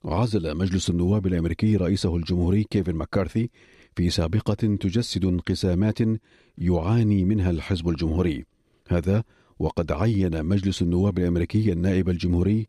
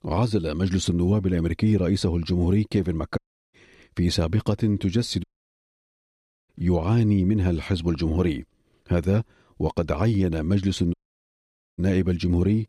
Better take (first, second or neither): first